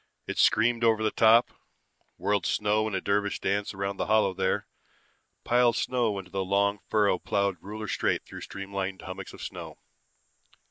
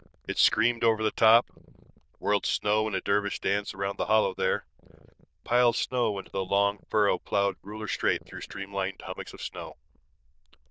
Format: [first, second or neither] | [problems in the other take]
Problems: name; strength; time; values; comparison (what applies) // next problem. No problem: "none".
first | noise reduction (neural diffusion model UNIVERSE++)